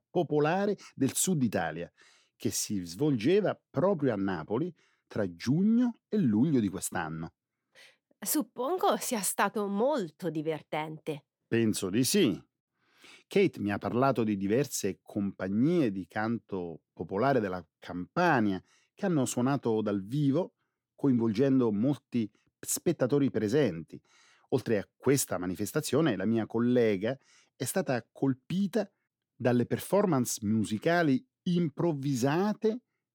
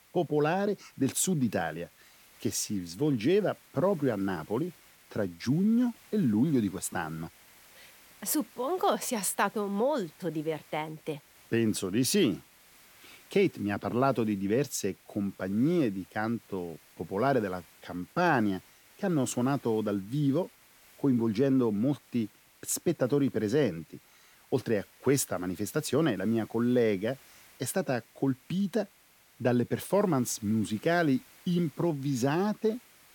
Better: first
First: none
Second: hiss; faint; throughout; 25 dB below the speech

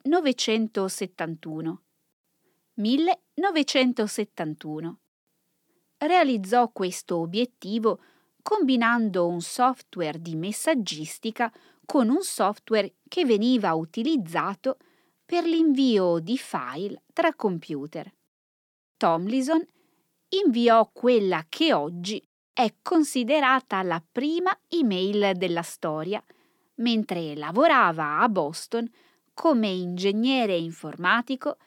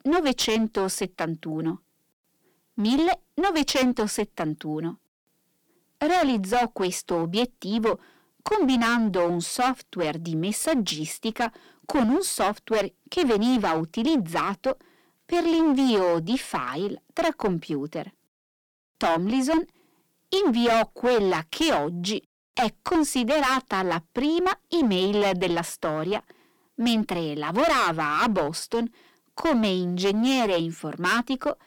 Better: first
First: none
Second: distortion; heavy; 14% of the sound clipped

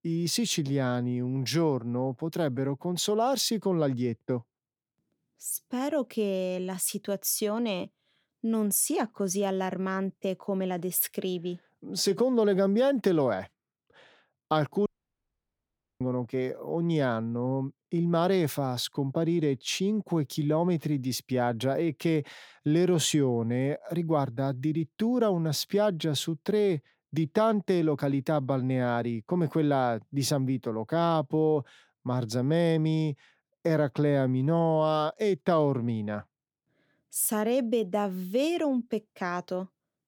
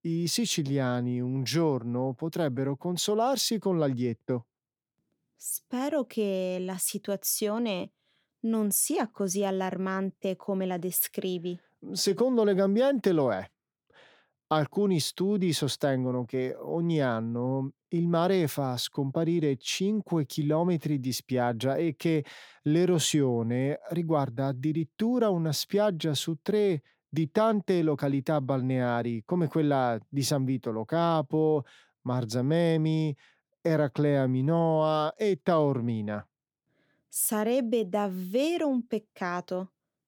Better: second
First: audio cutting out; at 15 s for 1 s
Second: none

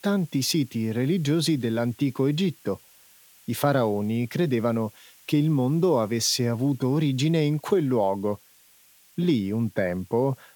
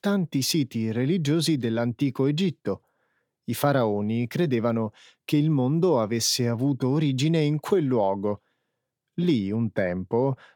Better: second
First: hiss; faint; throughout; 25 dB below the speech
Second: none

